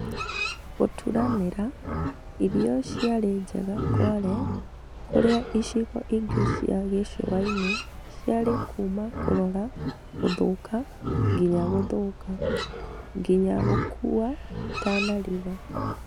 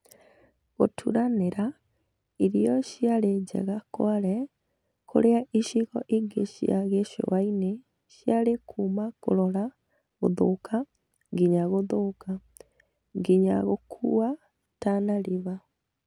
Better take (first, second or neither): second